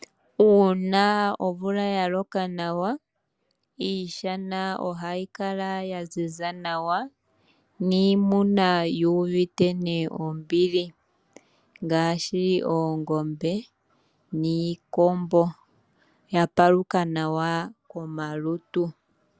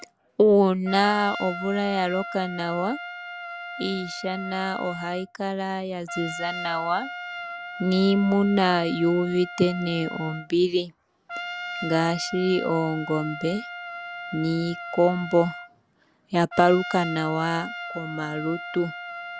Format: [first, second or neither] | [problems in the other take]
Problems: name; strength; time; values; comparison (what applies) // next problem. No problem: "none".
first | background sound (Trumpet); 11 dB below the speech